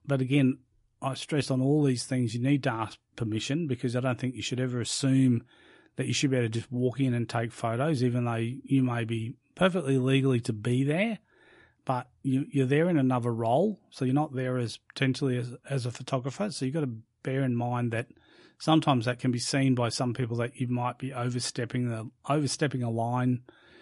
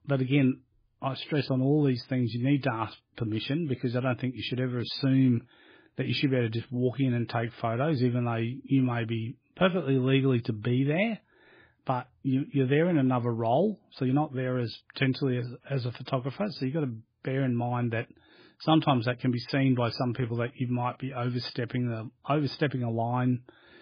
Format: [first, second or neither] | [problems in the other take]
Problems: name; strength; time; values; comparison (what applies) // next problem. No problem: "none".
first | garbled, watery; badly; nothing above 5 kHz; slightly in the first